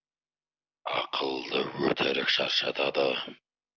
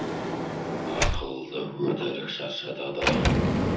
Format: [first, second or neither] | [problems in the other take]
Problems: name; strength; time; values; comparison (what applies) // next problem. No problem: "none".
first | background sound (Sliding door); 5 dB above the speech // room echo; dies away in 0.6 s